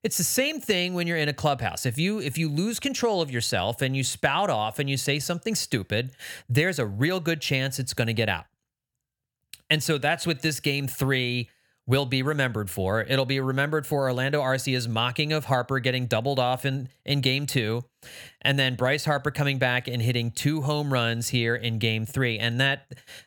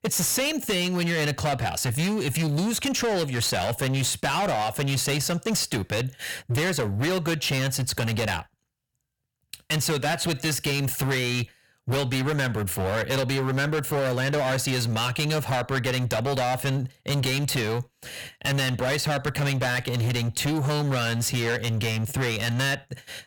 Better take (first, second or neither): first